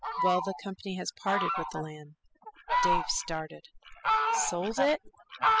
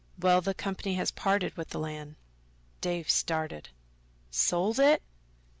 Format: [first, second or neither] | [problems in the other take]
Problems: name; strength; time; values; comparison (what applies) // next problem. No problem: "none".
second | noise reduction (classical method spectral subtraction)